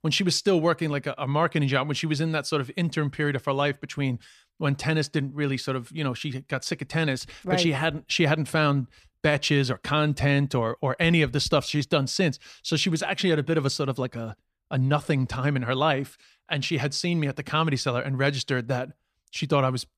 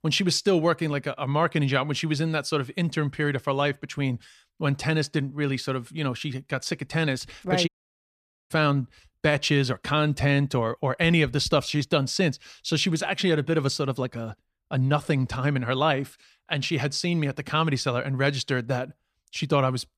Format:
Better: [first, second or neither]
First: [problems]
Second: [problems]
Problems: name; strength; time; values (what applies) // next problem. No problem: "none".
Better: first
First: none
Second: audio cutting out; at 7.5 s for 1 s